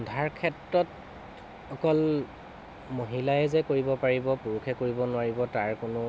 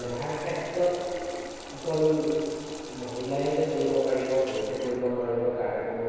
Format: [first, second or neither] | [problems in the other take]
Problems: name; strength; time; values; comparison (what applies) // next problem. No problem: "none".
first | background sound (Water tap, faucet); 16 dB below the speech // room echo; dies away in 2.2 s